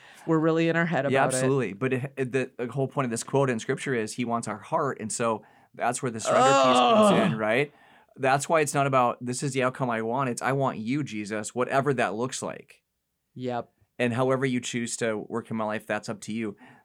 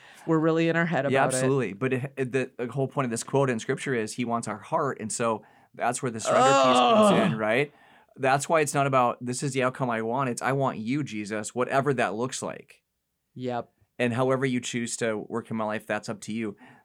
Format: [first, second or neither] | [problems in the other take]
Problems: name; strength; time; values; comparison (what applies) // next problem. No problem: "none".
neither | none